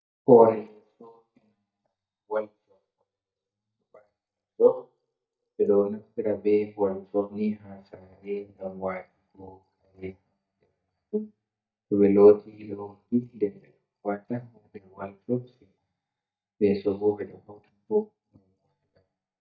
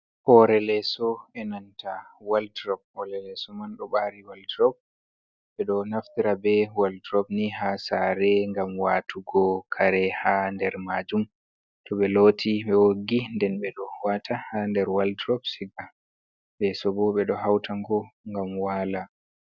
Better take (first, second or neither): second